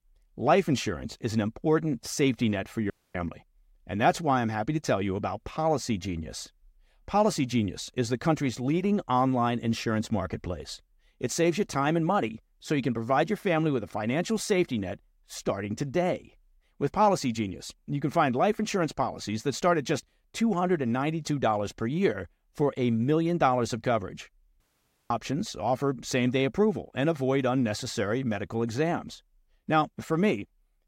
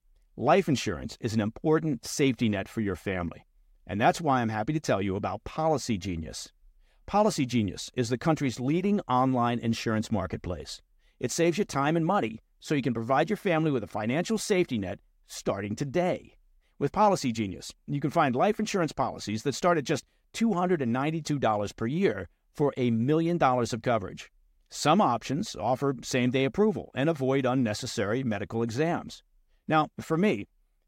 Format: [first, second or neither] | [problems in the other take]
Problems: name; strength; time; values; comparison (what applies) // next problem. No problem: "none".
second | audio cutting out; at 3 s and at 25 s for 0.5 s